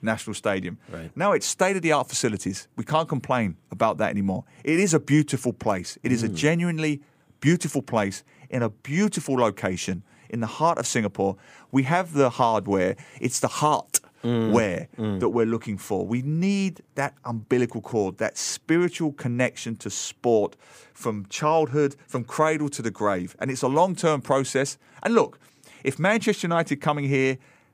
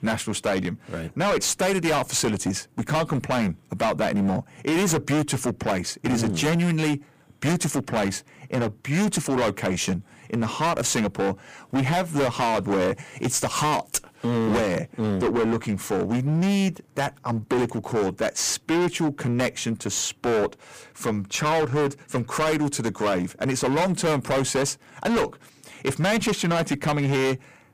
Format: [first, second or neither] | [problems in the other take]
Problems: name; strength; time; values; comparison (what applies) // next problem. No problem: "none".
first | distortion; heavy; 20% of the sound clipped